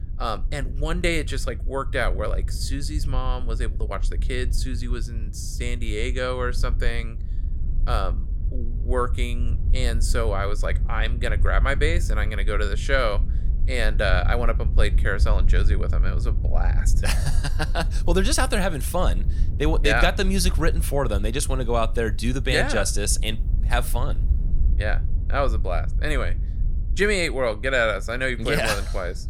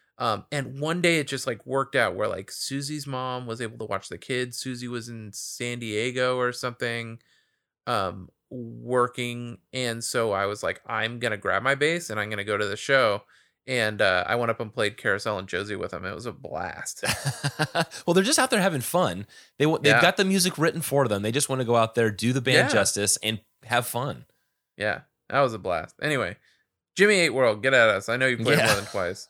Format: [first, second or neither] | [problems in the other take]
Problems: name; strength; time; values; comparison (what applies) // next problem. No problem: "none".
second | wind noise on the microphone; occasional gusts; 20 dB below the speech